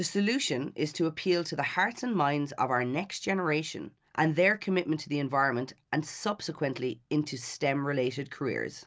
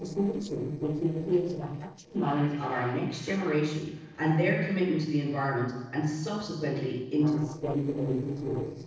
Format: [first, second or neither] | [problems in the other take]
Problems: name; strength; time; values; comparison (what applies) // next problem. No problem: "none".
first | noise reduction (neural separator model SepFormer DNS4)